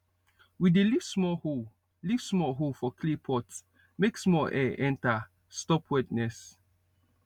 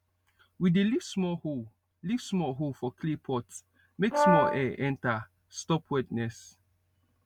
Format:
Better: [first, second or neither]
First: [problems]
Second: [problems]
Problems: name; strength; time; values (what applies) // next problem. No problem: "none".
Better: first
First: none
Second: background sound (Brass instrument); 4 dB above the speech